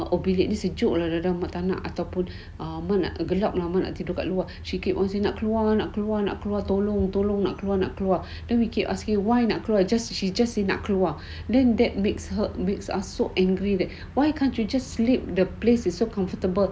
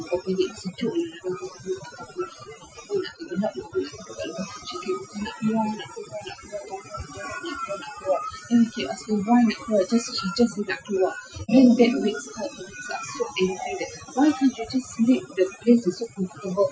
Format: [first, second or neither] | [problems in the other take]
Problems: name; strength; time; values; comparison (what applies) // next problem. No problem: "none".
first | noise reduction (classical method Wiener filter)